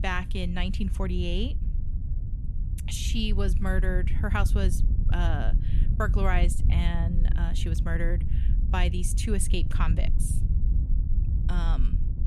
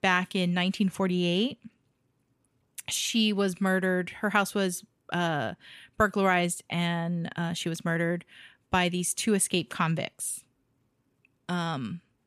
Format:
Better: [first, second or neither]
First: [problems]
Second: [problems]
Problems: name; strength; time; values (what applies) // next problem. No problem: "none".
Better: second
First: wind noise on the microphone; occasional gusts; 10 dB below the speech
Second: none